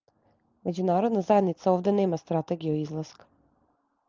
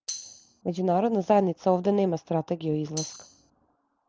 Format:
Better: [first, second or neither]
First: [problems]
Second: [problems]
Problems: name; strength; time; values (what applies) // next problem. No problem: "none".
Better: first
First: none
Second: background sound (Tambourine); 12 dB below the speech